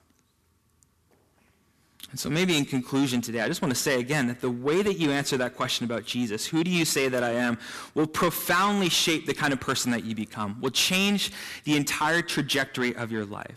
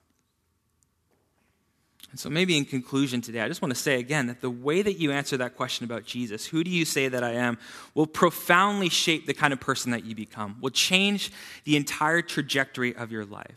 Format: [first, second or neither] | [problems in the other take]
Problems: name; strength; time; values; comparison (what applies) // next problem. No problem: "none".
second | distortion; heavy; 7 dB below the speech